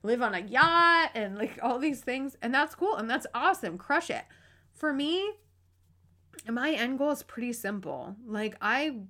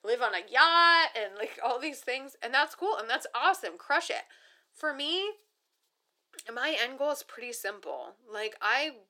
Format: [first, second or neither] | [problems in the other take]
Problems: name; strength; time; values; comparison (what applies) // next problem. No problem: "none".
first | thin; very; fading below 400 Hz